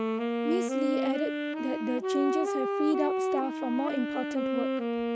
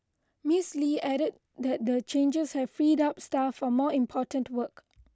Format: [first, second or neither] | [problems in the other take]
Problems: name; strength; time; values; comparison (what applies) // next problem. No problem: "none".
second | background sound (Wind instrument, woodwind instrument); 2 dB above the speech